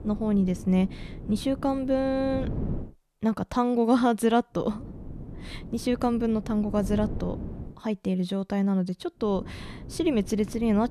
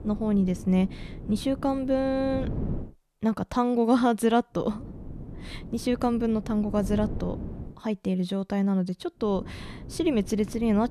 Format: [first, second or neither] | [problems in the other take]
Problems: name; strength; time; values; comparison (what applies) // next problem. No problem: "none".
neither | wind noise on the microphone; occasional gusts; until 3 s, from 4.5 to 7.5 s and from 9.5 s on; 15 dB below the speech; the same in both